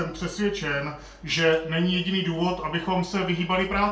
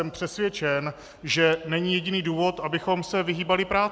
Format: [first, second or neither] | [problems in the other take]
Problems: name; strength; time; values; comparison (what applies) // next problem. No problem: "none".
second | room echo; dies away in 0.3 s